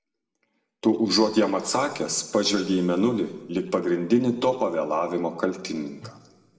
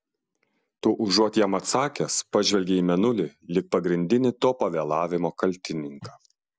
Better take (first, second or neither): second